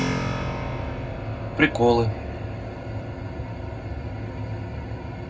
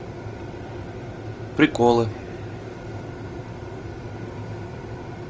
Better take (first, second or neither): second